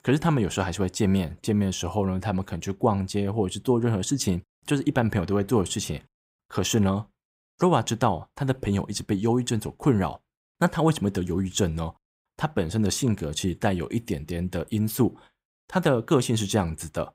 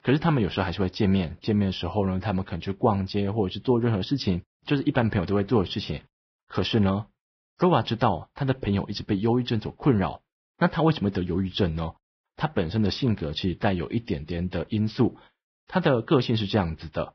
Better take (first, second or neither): first